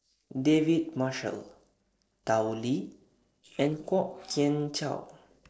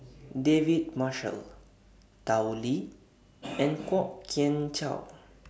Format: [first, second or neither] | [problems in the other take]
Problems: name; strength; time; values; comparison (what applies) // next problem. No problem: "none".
second | noise reduction (neural separator model SepFormer DNS4)